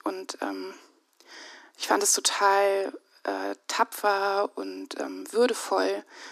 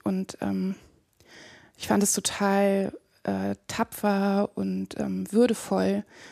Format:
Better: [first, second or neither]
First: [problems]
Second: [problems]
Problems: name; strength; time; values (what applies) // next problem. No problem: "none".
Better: second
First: thin; very; fading below 250 Hz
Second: none